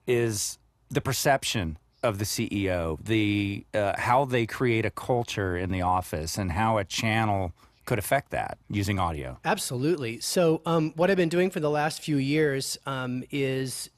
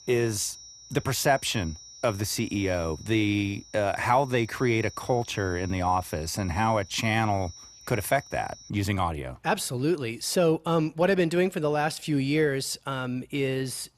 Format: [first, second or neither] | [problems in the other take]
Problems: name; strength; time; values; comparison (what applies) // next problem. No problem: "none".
first | high-pitched whine; noticeable; until 8.5 s; 5.5 kHz, 20 dB below the speech